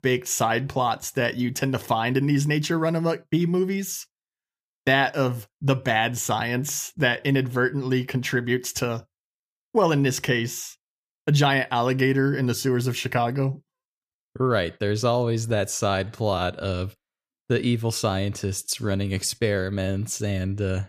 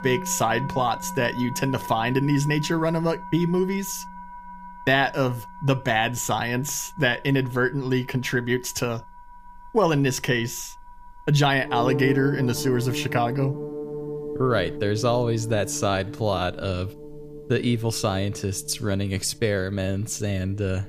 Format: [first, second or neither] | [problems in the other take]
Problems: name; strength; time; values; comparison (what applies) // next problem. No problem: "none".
first | background music; noticeable; throughout; 10 dB below the speech